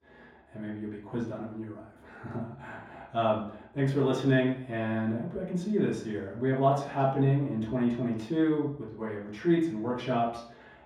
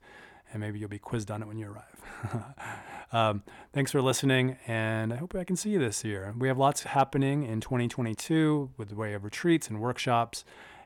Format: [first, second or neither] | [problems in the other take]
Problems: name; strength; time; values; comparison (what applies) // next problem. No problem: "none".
second | room echo; noticeable; dies away in 0.6 s // off-mic speech; far